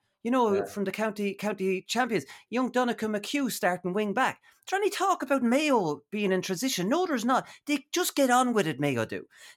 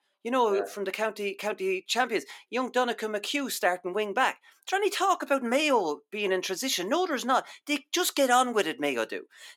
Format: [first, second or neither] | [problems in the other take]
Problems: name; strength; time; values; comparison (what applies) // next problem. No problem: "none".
first | thin; very slightly; fading below 300 Hz